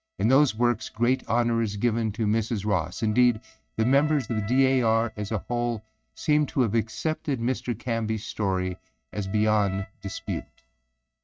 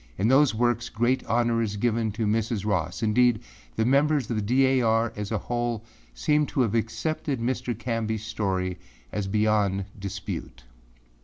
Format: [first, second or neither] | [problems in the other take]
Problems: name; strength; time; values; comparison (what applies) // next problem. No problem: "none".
second | noise reduction (neural mask model RNNoise)